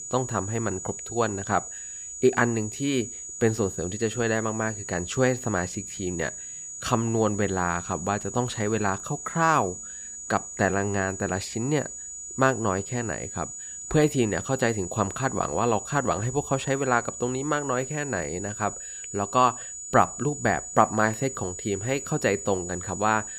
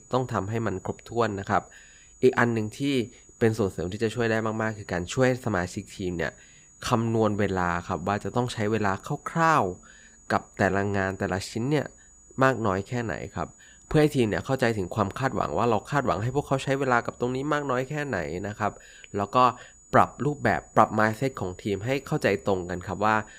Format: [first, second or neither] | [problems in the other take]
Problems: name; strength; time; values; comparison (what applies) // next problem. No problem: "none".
second | high-pitched whine; loud; throughout; 7 kHz, 8 dB below the speech; faint in the second